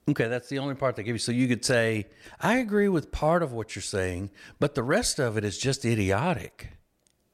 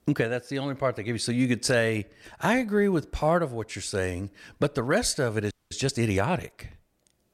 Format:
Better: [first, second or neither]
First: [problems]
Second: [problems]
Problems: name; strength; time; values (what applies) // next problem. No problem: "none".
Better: first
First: none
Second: audio freezing; at 5.5 s